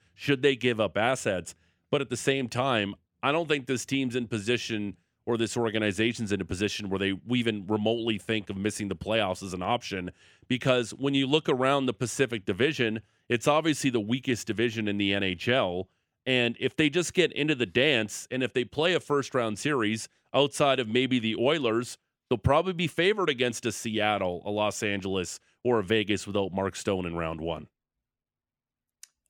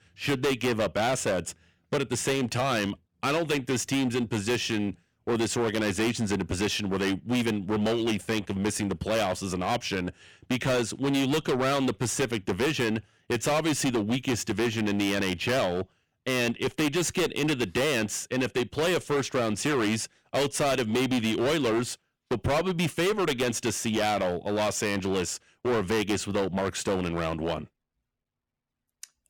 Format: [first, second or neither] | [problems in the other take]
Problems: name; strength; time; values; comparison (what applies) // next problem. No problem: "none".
first | distortion; heavy; 20% of the sound clipped